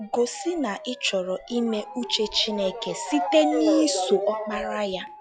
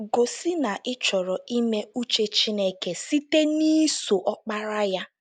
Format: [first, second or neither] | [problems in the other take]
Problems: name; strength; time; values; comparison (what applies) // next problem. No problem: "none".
second | noise reduction (classical method log-MMSE)